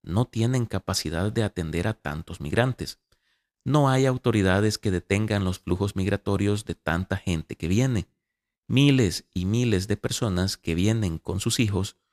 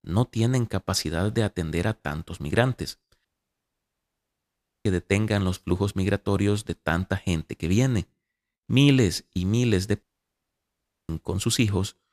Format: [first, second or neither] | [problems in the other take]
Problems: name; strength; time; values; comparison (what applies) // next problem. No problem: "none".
first | audio cutting out; at 3.5 s for 1.5 s and at 10 s for 1 s